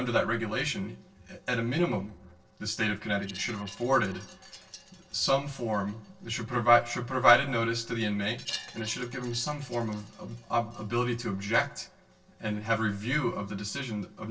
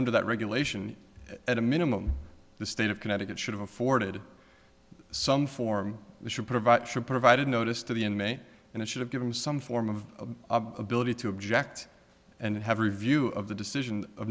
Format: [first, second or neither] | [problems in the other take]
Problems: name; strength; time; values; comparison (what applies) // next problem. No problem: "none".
second | noise reduction (neural separator model SepFormer DNS4)